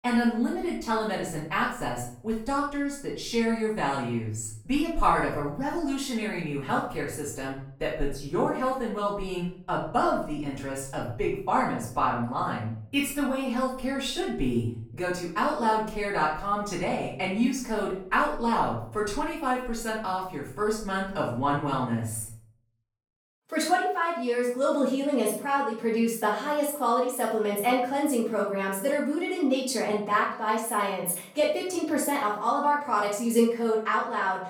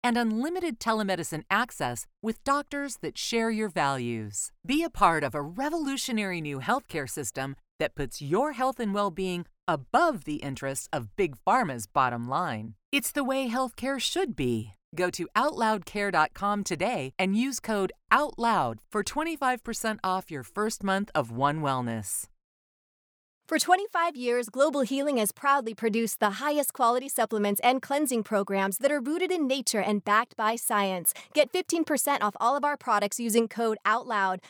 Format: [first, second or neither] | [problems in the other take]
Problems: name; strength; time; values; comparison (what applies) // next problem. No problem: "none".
second | room echo; noticeable; dies away in 0.6 s // off-mic speech; far